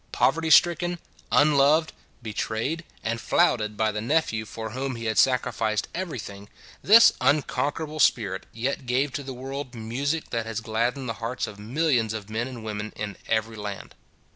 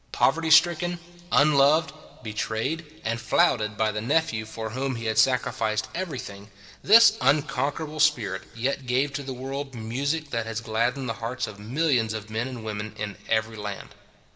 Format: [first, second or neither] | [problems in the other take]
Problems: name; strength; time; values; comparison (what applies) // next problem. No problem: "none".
first | room echo; dies away in 1.8 s